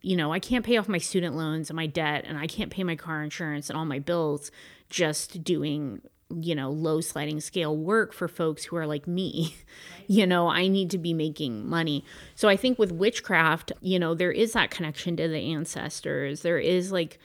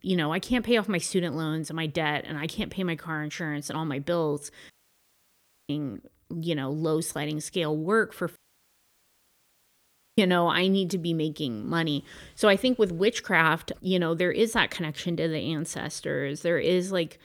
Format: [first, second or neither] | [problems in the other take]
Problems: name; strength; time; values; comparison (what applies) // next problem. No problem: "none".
first | audio cutting out; at 4.5 s for 1 s and at 8.5 s for 2 s